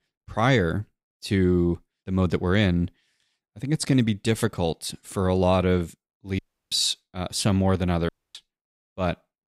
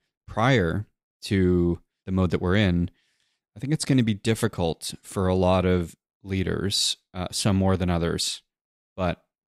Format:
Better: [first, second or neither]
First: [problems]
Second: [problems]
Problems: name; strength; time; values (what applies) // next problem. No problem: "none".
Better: second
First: audio cutting out; at 6.5 s and at 8 s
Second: none